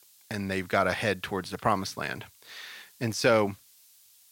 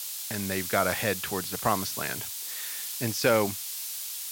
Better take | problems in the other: first | hiss; loud; throughout; 4 dB below the speech; faint in the first

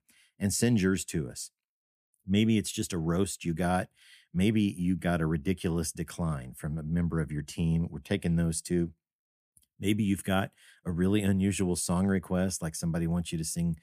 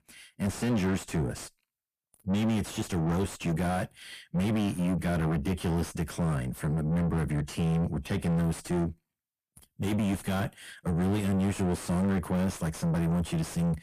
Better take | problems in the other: first | distortion; heavy; 5 dB below the speech

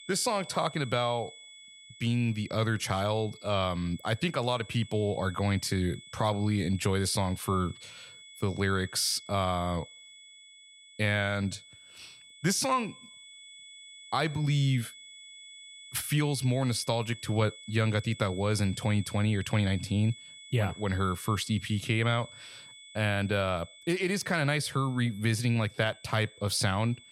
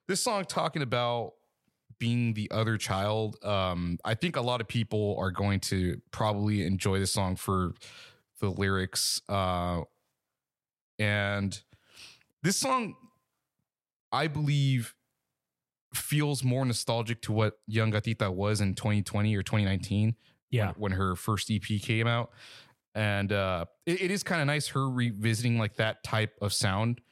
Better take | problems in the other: second | high-pitched whine; noticeable; throughout; 3.5 kHz, 20 dB below the speech

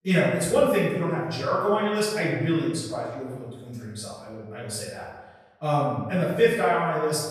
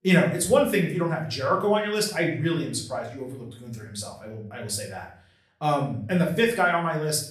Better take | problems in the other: second | room echo; strong; dies away in 1.1 s; slight in the second // off-mic speech; far; far in the second

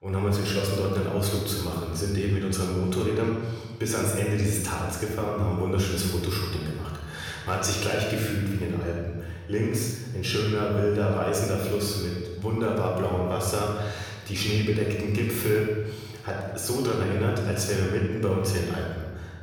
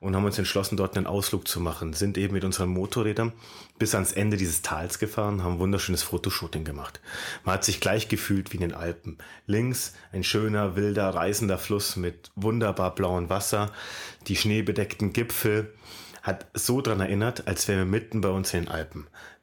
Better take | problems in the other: second | off-mic speech; somewhat distant // room echo; noticeable; dies away in 1.4 s

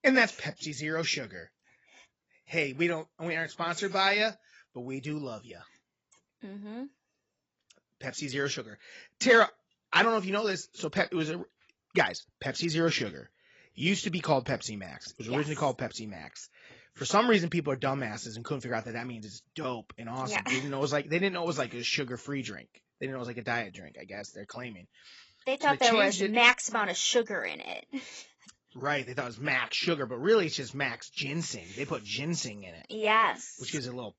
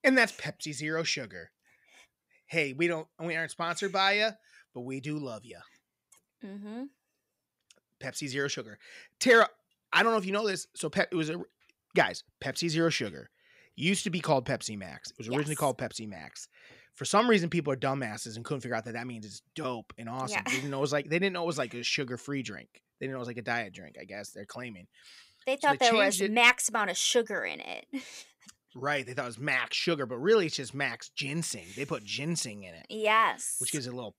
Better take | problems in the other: second | garbled, watery; badly; nothing above 7.5 kHz

